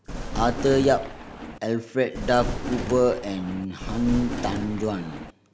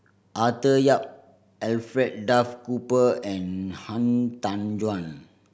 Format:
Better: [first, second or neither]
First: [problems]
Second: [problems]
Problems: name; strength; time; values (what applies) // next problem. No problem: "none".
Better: second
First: background sound (Thunder); 6 dB below the speech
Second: none